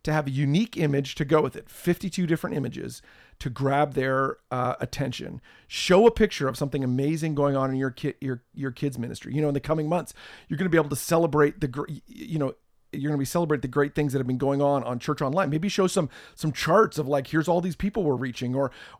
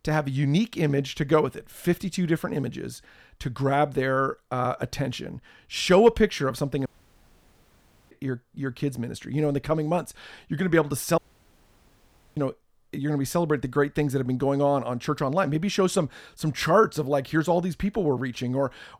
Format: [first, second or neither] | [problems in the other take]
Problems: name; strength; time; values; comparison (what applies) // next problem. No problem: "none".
first | audio cutting out; at 7 s for 1 s and at 11 s for 1 s